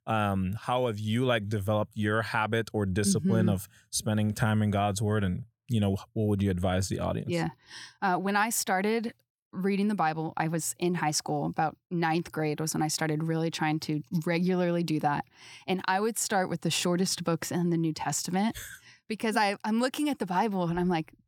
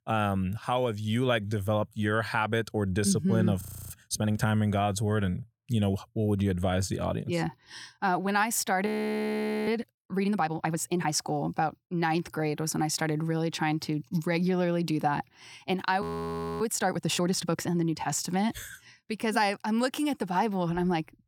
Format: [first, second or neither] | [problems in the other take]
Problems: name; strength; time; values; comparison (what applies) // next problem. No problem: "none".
first | audio freezing; at 3.5 s, at 9 s for 1 s and at 16 s for 0.5 s